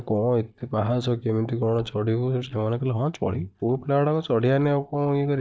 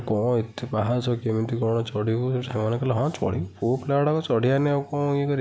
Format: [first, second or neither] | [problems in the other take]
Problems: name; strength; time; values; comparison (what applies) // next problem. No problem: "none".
second | noise reduction (neural mask model DeepFilterNet 3)